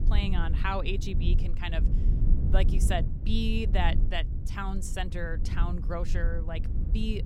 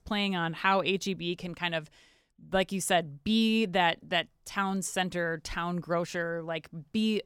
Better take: second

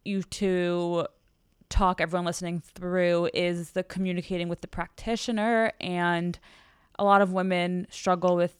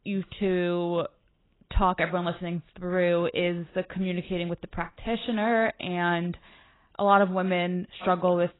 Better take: first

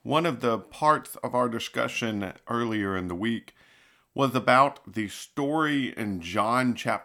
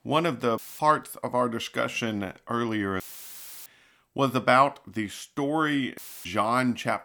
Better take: first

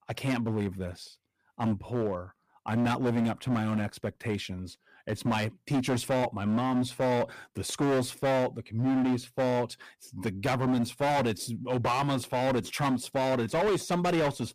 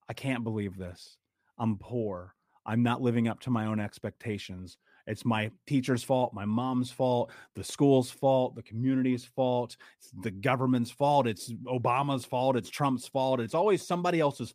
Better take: second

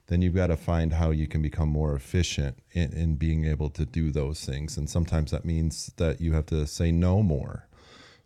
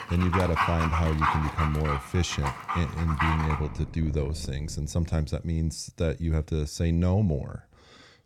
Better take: first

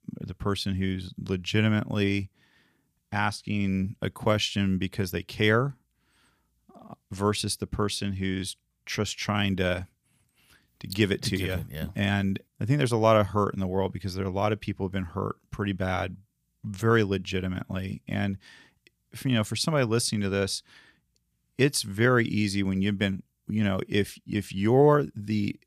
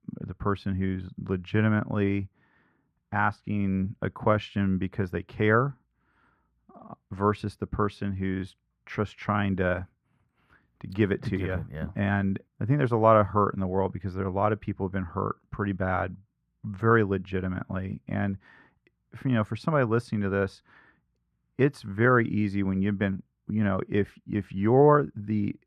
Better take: first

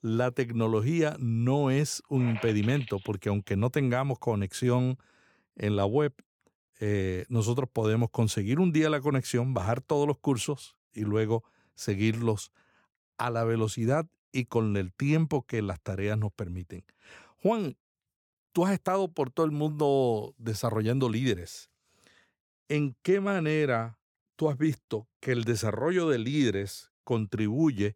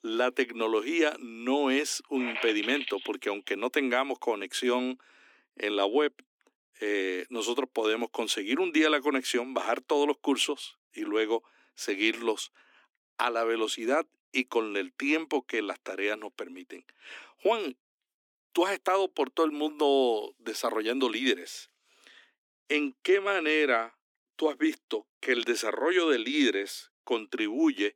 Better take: first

